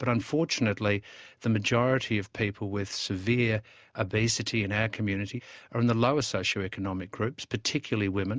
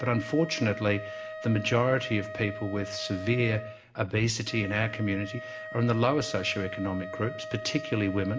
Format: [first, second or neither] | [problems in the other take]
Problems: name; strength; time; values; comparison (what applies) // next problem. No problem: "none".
first | background sound (Wind instrument, woodwind instrument); 11 dB below the speech // room echo; dies away in 0.6 s